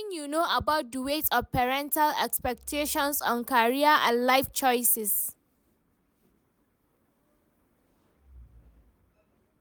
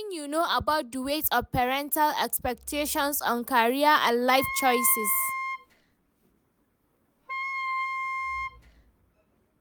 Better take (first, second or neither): first